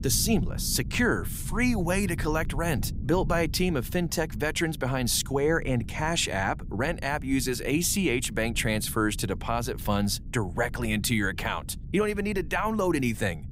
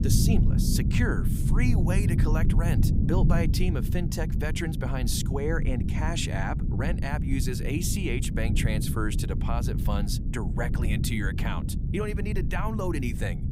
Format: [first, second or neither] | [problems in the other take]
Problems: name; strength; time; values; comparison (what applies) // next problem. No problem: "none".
first | low rumble; loud; throughout; 5 dB below the speech; faint in the first